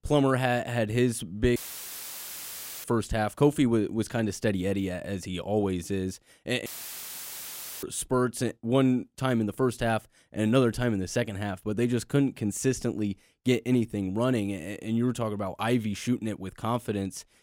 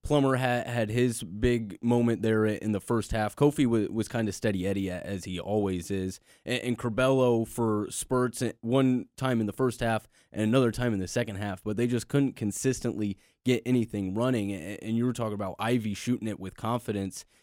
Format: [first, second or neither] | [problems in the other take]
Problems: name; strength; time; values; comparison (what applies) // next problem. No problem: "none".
second | audio cutting out; filled with static; at 1.5 s for 1.5 s and at 6.5 s for 1 s